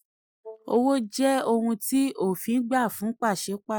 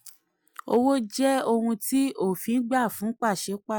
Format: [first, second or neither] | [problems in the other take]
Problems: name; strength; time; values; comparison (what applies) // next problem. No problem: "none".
second | noise reduction (neural mask model DeepFilterNet 3)